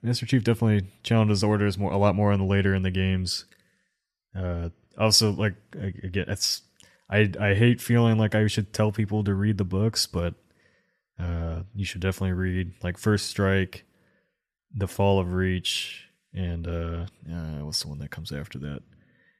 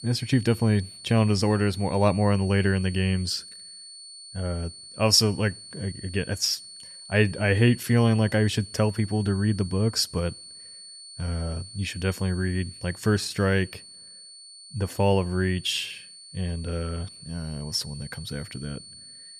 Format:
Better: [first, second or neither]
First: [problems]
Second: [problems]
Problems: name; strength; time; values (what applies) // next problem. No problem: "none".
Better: first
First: none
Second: high-pitched whine; noticeable; throughout; 4.5 kHz, 15 dB below the speech